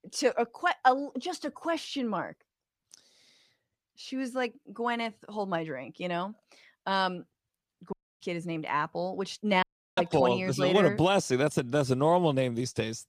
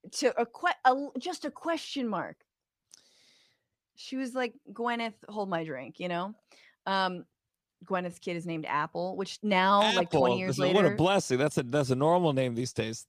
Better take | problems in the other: second | audio cutting out; at 8 s and at 9.5 s

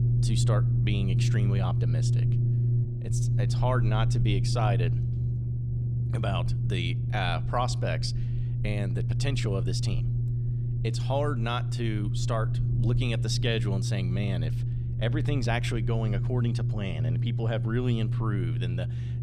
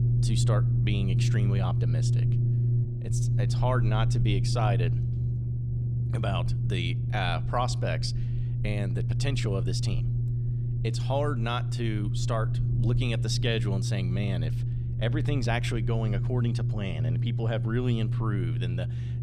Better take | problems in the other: neither | low rumble; loud; throughout; 6 dB below the speech; the same in both

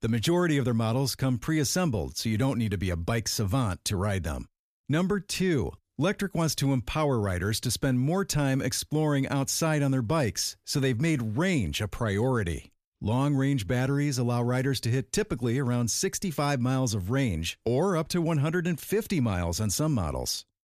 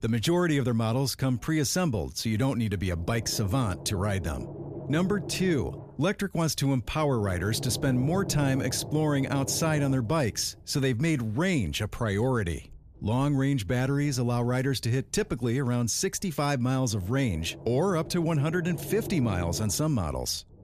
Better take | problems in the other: first | low rumble; noticeable; throughout; 15 dB below the speech

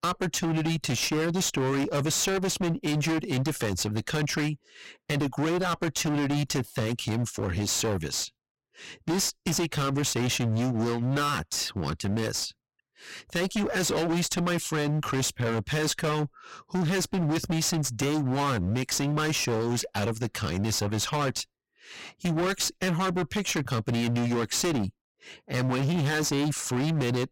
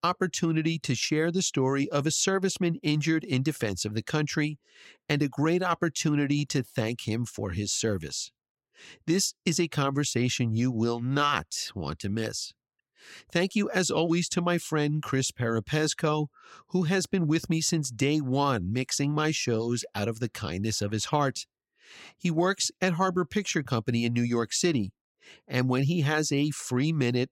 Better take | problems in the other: second | distortion; heavy; 31% of the sound clipped

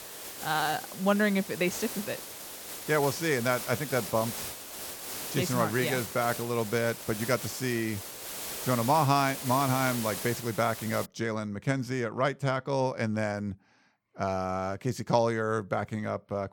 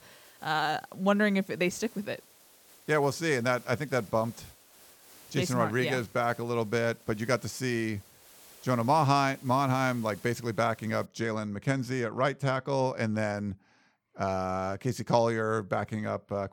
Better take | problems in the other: second | hiss; loud; until 11 s; 8 dB below the speech; faint in the second

